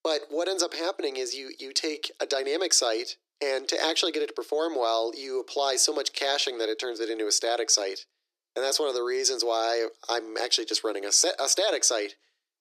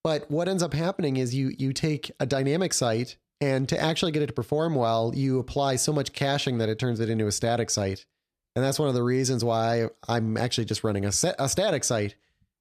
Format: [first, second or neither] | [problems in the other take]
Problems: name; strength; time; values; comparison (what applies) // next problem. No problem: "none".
second | thin; very; fading below 300 Hz